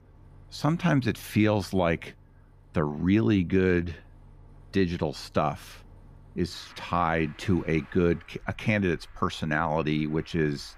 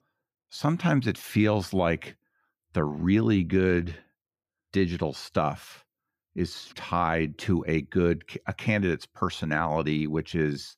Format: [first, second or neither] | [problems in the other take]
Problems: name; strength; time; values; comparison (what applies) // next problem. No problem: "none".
second | traffic noise; faint; throughout; 25 dB below the speech